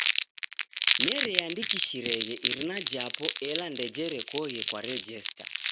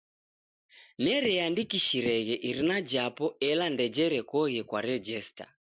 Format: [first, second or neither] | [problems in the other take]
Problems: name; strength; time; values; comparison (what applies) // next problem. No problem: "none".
second | background sound (Crumpling, crinkling); 4 dB above the speech